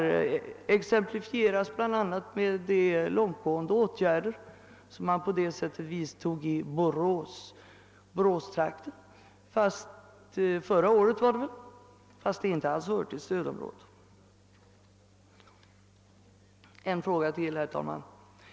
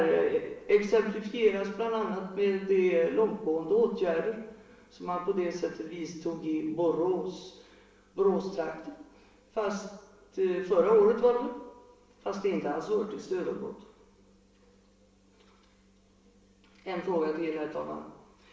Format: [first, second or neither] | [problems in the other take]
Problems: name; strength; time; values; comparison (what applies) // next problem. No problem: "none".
first | room echo; dies away in 0.7 s